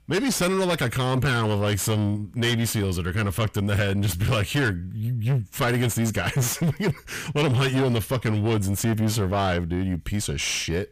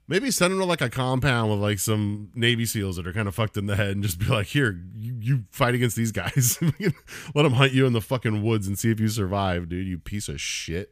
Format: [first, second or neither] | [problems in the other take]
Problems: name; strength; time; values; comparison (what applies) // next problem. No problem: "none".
second | distortion; heavy; 6 dB below the speech